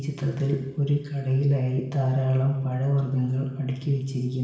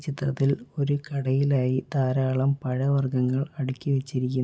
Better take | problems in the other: second | room echo; dies away in 1 s

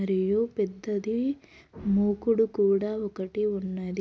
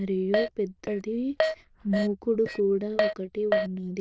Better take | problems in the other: first | noise reduction (neural diffusion model UNIVERSE++)

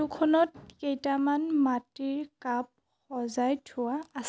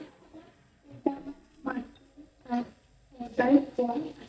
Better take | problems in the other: first | noise reduction (neural mask model DeepFilterNet 3)

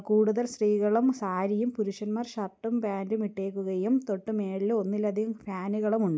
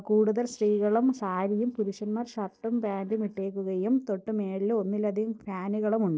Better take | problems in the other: first | noise reduction (neural separator model SepFormer DNS4)

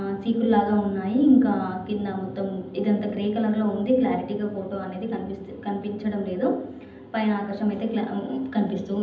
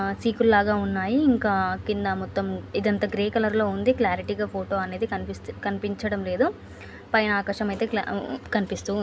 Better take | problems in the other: second | room echo; dies away in 0.8 s

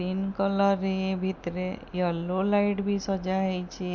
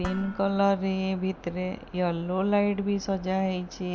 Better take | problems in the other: first | background sound (Dishes, pots, and pans); 18 dB below the speech

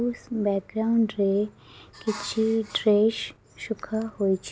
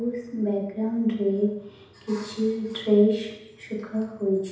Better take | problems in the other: first | room echo; dies away in 0.8 s

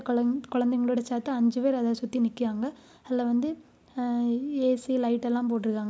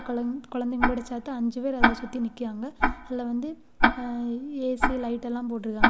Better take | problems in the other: first | background sound (Tick-tock); 2 dB above the speech

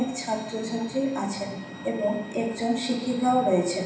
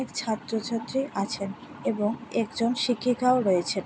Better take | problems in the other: second | background sound (Bowed string instrument); 20 dB below the speech // room echo; dies away in 0.9 s

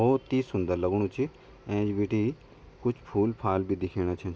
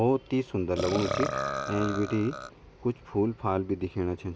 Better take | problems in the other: first | background sound (Burping, eructation); 6 dB below the speech

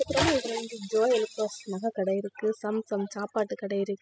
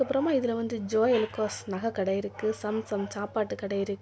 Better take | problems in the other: second | noise reduction (classical method spectral subtraction)

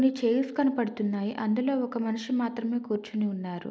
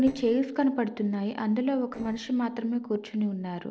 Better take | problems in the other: first | noise reduction (neural separator model SepFormer DNS4)

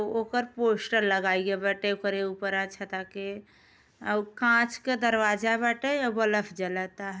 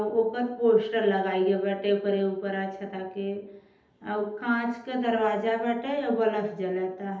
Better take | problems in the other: first | room echo; dies away in 0.8 s

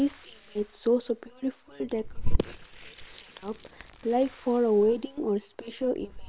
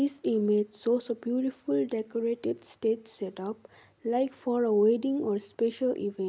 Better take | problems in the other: second | noise reduction (neural separator model SepFormer WHAM!)

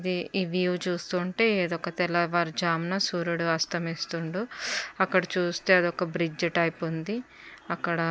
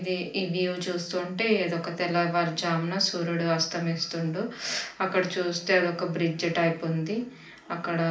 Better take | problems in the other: first | room echo; dies away in 0.4 s

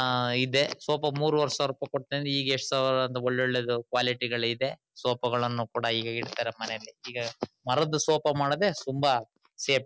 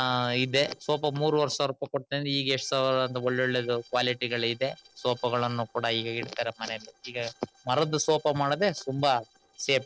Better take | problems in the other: first | noise reduction (neural separator model SepFormer DNS4)

